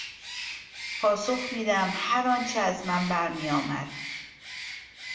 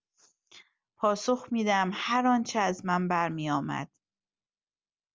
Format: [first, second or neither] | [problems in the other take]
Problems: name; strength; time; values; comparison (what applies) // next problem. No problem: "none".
second | background sound (Bird); 10 dB below the speech // room echo; dies away in 0.7 s